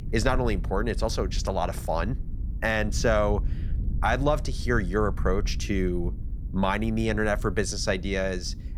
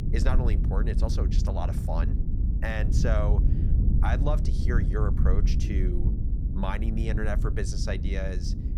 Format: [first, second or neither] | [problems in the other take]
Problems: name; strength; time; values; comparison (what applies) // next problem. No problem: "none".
first | low rumble; loud; throughout; 6 dB below the speech; faint in the first